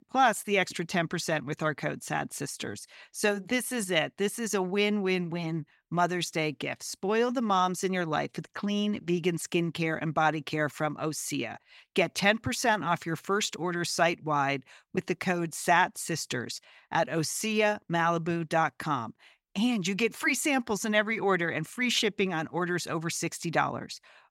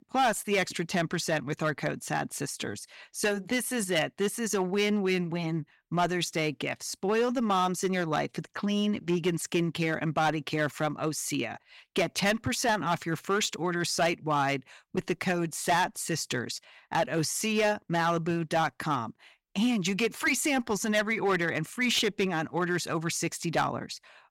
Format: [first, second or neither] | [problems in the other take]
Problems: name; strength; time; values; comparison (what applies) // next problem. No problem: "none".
first | distortion; slight; 4% of the sound clipped